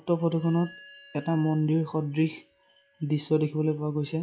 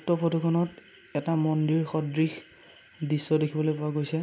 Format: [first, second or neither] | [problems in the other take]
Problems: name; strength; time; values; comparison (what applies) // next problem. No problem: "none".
second | noise reduction (classical method log-MMSE)